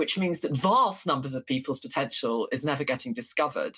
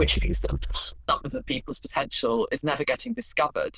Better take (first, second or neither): first